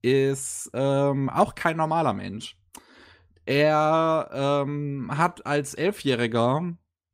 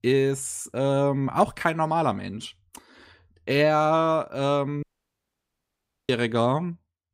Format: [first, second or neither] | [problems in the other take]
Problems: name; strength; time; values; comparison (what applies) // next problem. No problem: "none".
first | audio cutting out; at 5 s for 1.5 s